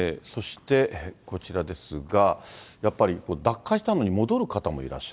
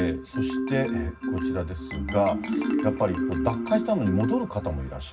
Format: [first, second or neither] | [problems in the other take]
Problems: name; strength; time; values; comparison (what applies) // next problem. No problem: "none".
first | background sound (Marimba, xylophone); 2 dB below the speech // room echo; dies away in 0.4 s